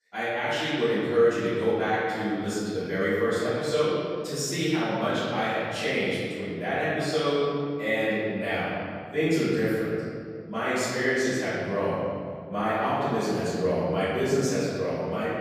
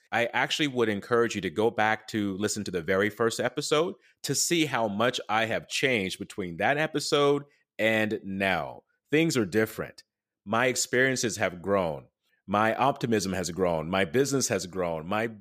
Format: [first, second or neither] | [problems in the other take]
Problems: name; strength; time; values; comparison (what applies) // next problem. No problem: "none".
second | off-mic speech; far // room echo; strong; dies away in 2.1 s